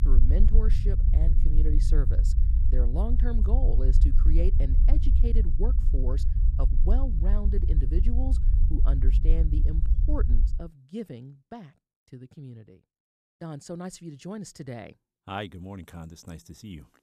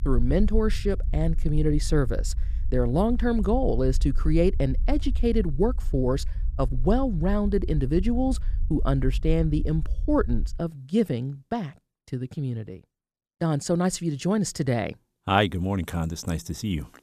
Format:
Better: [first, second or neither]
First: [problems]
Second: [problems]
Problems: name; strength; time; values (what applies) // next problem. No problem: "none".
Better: second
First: low rumble; loud; until 11 s; 5 dB below the speech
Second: low rumble; faint; until 11 s; 25 dB below the speech